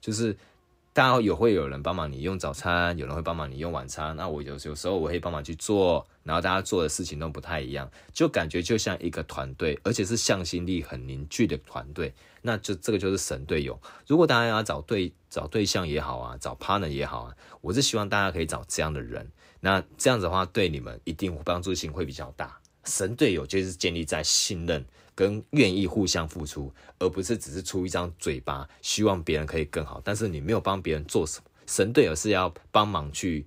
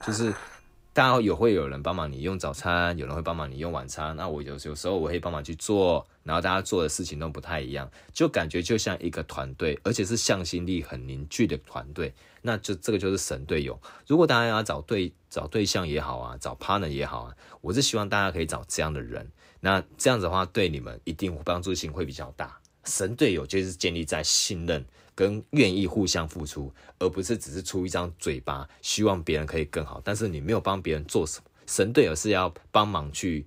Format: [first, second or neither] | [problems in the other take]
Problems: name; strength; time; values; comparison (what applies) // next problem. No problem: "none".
first | clattering dishes; noticeable; until 1.5 s; peak 9 dB below the speech